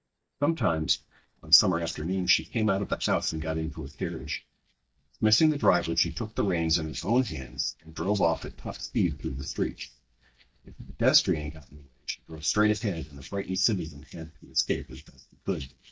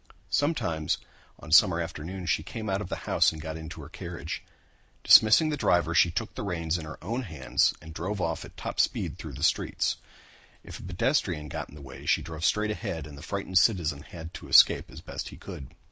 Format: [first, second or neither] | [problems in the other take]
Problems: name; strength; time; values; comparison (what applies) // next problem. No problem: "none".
second | noise reduction (neural mask model DeepFilterNet 3)